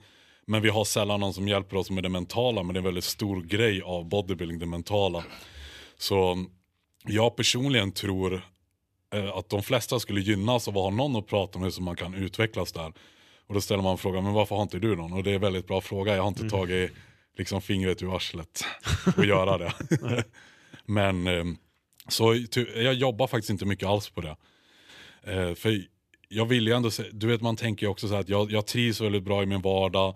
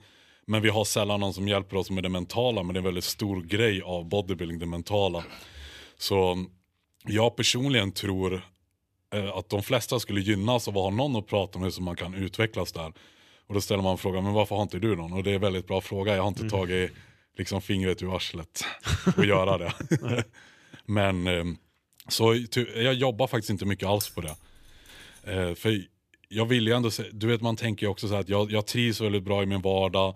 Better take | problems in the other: first | jangling keys; noticeable; at 24 s; peak 7 dB below the speech

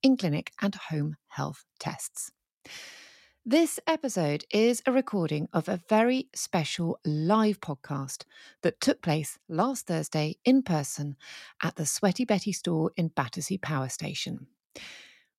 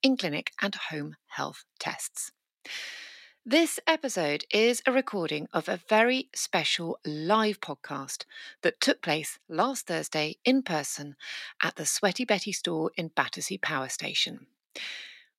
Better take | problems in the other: first | thin; very slightly; fading below 300 Hz

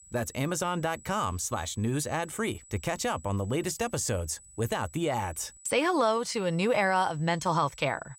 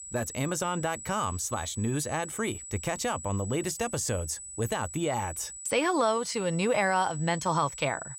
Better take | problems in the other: first | high-pitched whine; loud; throughout; 8 kHz, 10 dB below the speech; faint in the first

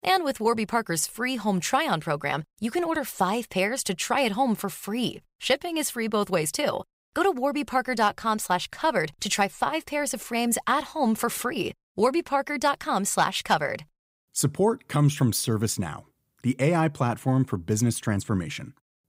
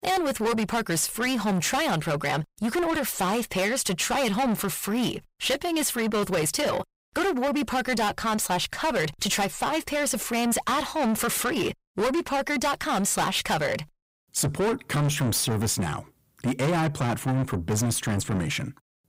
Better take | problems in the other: first | distortion; heavy; 6 dB below the speech

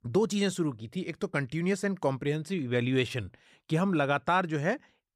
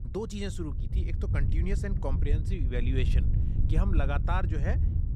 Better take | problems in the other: first | wind noise on the microphone; heavy; 7 dB below the speech

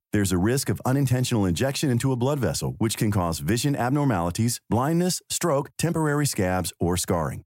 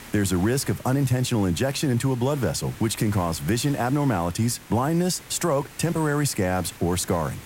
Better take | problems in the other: first | hiss; noticeable; throughout; 20 dB below the speech

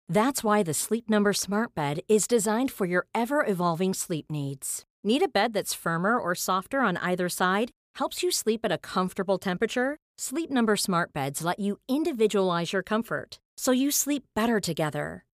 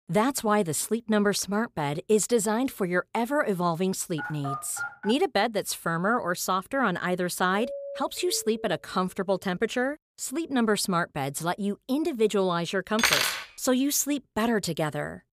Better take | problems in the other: first | phone ringing; noticeable; at 4 s; peak 7 dB below the speech // doorbell; noticeable; from 7.5 to 8.5 s; peak 9 dB below the speech // clattering dishes; loud; at 13 s; peak 5 dB above the speech

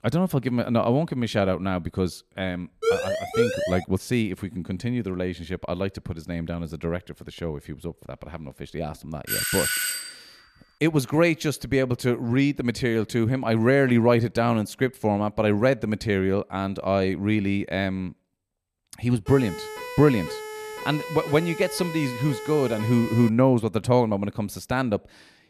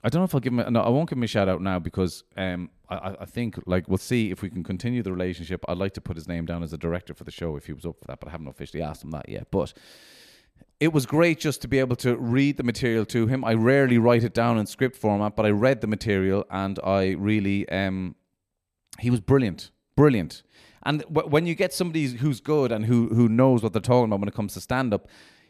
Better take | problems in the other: second | siren; loud; at 3 s; peak level with the speech // doorbell; loud; at 9.5 s; peak 2 dB above the speech // siren; noticeable; from 19 to 23 s; peak 9 dB below the speech

